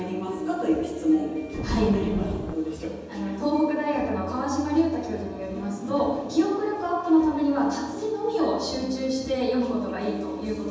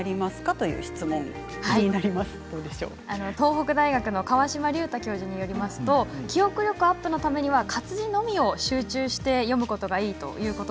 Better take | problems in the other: second | background sound (Wind); 6 dB below the speech // room echo; dies away in 1.1 s

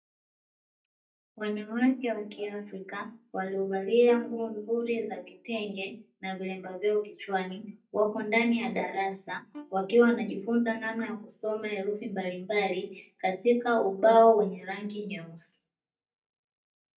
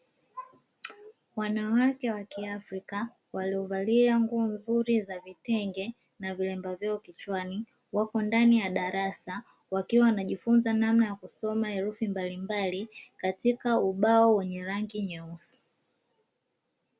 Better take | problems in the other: second | noise reduction (neural mask model DeepFilterNet 3)

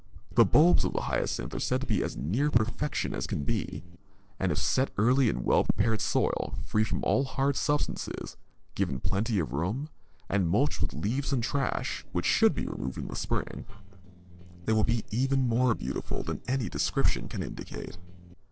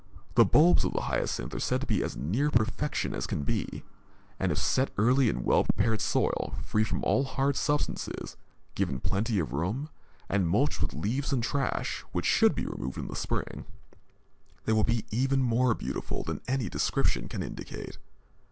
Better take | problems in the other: second | noise reduction (neural separator model SepFormer DNS4)

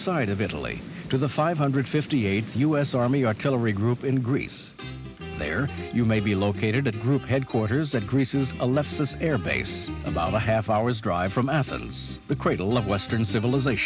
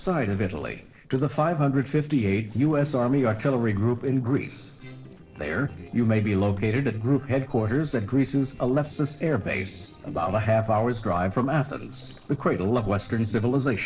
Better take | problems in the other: first | noise reduction (neural separator model SepFormer DNS4)

